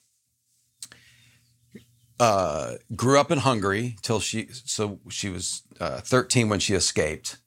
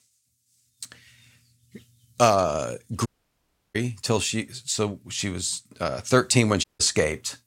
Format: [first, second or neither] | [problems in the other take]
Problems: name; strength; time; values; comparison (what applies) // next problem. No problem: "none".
first | audio cutting out; at 3 s for 0.5 s and at 6.5 s